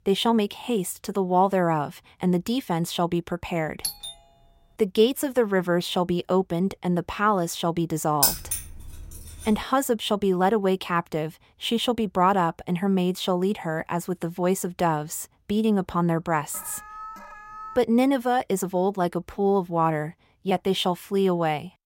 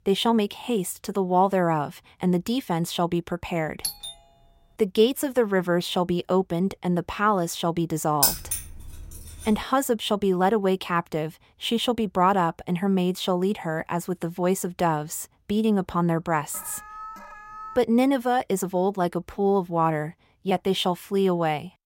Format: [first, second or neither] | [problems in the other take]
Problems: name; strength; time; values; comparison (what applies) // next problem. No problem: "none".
neither | doorbell; noticeable; at 4 s; peak 6 dB below the speech; the same in both // jangling keys; loud; at 8 s; peak 4 dB above the speech; the same in both // alarm; faint; from 17 to 18 s; peak 15 dB below the speech; the same in both